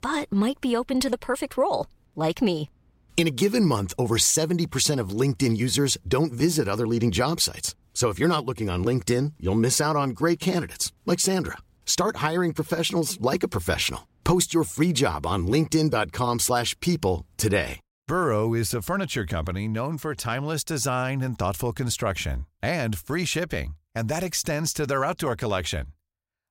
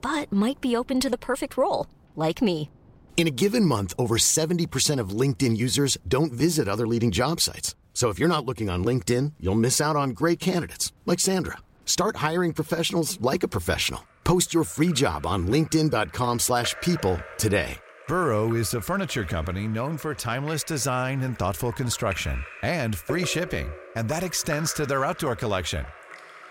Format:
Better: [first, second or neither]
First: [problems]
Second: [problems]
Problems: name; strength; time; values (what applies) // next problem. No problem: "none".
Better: first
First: none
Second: rain or running water; noticeable; throughout; 15 dB below the speech